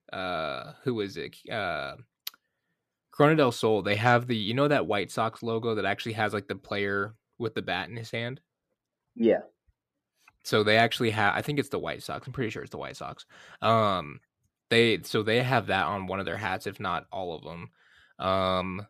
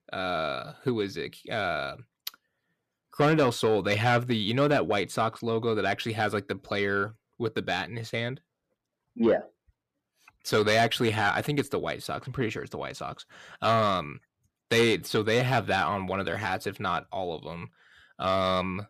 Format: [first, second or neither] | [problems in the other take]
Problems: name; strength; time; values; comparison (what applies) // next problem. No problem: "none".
first | distortion; slight; 10 dB below the speech